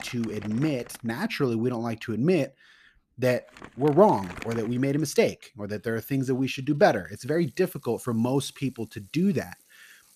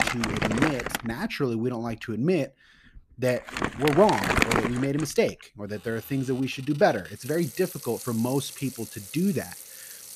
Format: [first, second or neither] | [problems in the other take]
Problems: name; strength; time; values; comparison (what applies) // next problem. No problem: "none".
first | household noises; loud; throughout; 3 dB below the speech; faint in the first